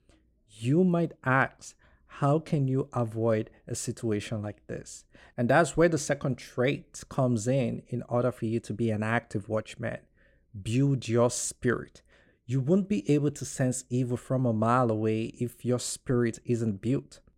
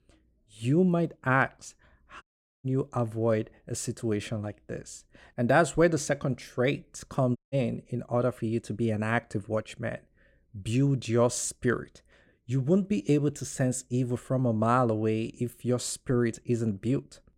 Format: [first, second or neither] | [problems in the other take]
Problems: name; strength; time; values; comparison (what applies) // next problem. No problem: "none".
first | audio cutting out; at 2 s and at 7.5 s